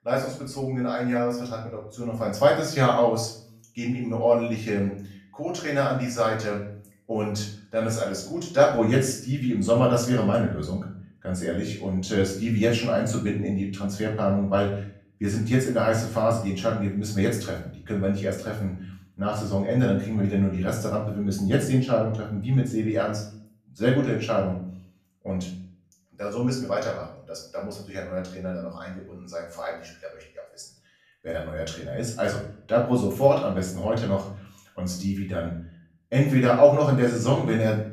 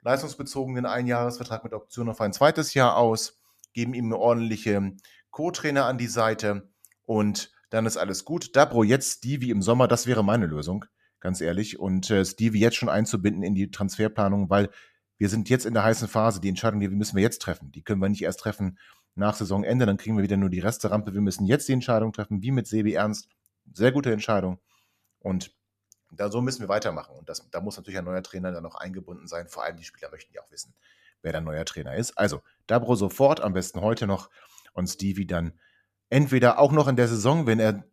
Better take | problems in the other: second | off-mic speech; far // room echo; slight; dies away in 0.5 s

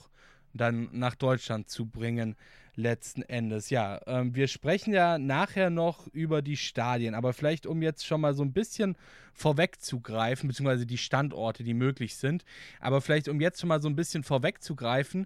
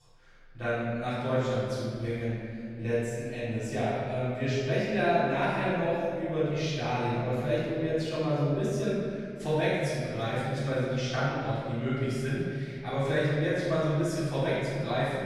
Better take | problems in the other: first | off-mic speech; far // room echo; strong; dies away in 2 s

